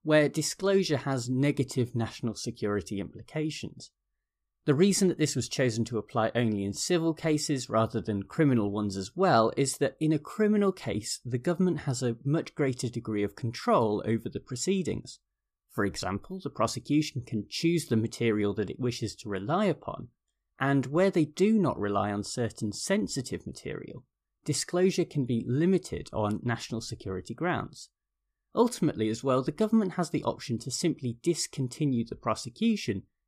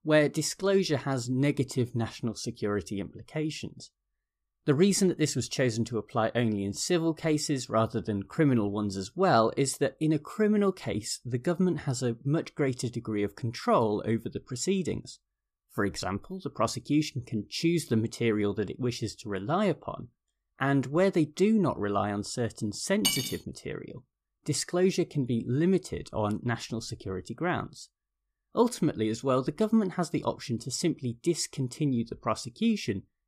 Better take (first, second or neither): first